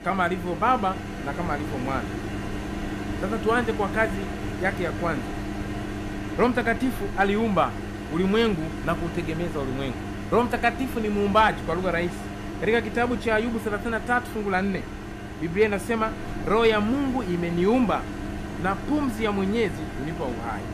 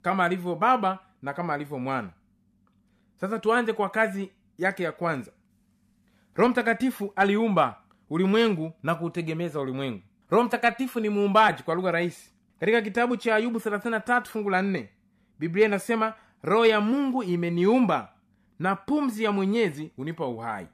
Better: second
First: household noises; loud; throughout; 8 dB below the speech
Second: none

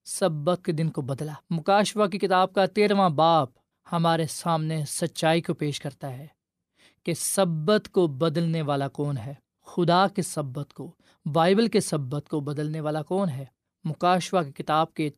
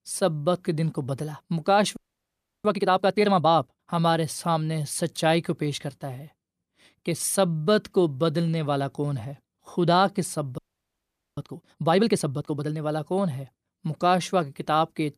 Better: first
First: none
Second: audio freezing; at 2 s for 0.5 s and at 11 s for 1 s

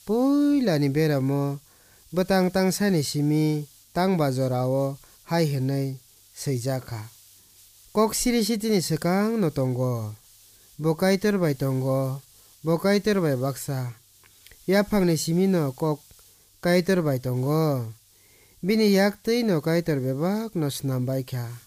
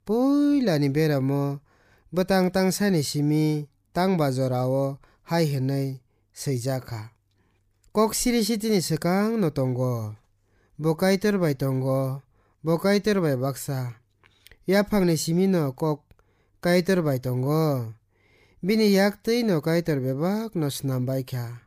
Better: second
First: hiss; faint; throughout; 25 dB below the speech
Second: none

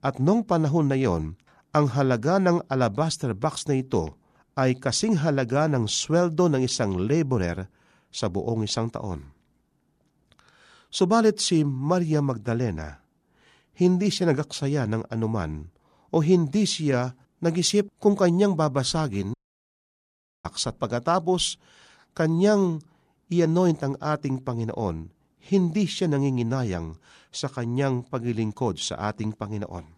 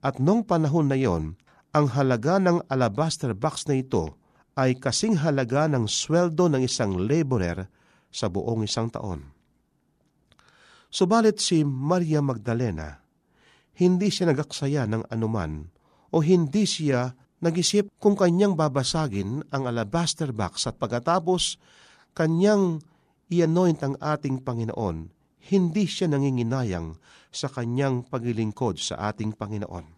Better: second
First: audio cutting out; at 19 s for 1 s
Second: none

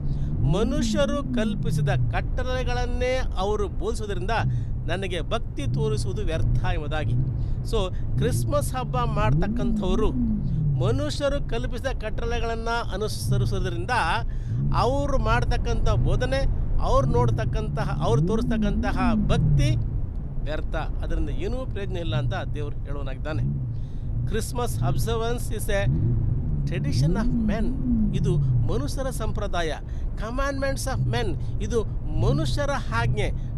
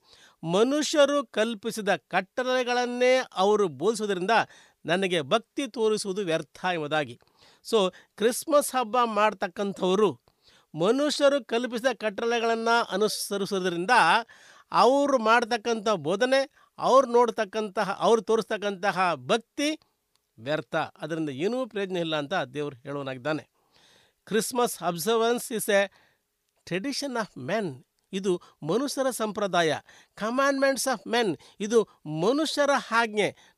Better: second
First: low rumble; loud; throughout; 9 dB below the speech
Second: none

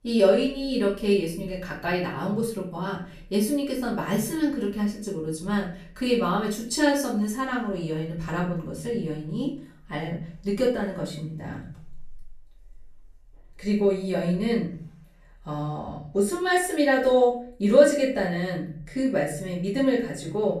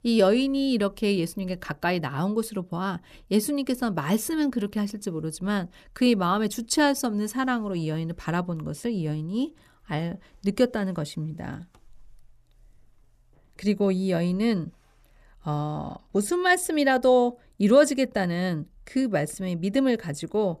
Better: second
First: off-mic speech; far // room echo; slight; dies away in 0.5 s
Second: none

